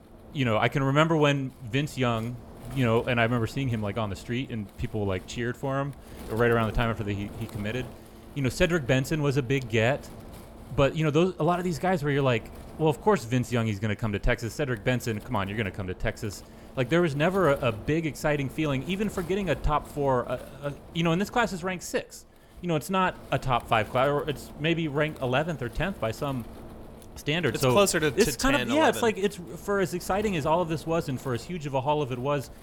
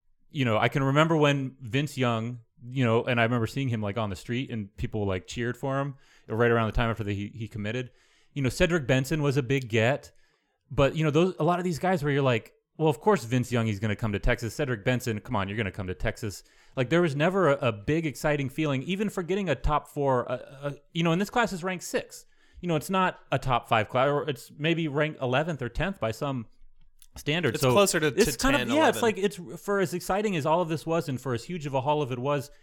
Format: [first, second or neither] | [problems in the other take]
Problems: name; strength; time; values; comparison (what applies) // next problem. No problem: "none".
second | wind noise on the microphone; occasional gusts; 20 dB below the speech